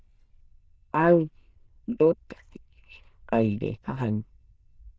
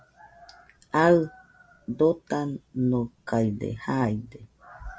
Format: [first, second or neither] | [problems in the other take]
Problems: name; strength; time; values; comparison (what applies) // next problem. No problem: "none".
second | noise reduction (neural diffusion model UNIVERSE++)